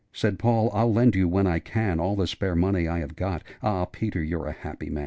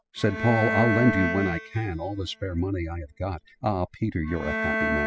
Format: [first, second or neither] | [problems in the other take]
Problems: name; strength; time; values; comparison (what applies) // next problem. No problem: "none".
first | noise reduction (classical method spectral subtraction)